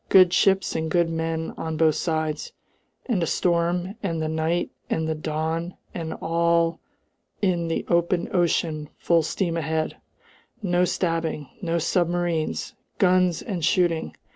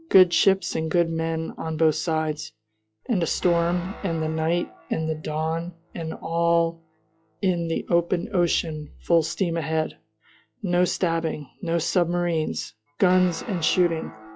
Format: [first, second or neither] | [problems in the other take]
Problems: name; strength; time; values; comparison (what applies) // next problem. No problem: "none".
first | noise reduction (classical method log-MMSE)